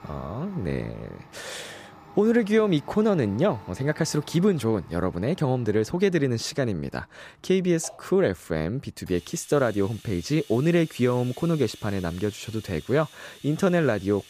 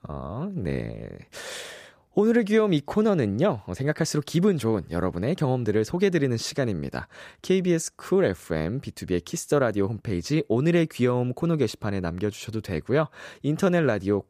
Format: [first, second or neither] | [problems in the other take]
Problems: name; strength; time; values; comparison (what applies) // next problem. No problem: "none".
second | household noises; faint; throughout; 20 dB below the speech